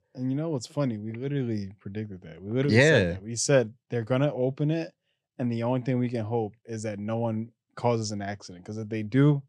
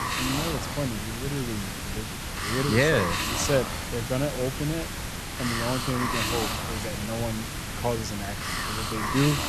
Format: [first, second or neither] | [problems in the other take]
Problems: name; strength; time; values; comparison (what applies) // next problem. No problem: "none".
first | hiss; loud; throughout; 1 dB below the speech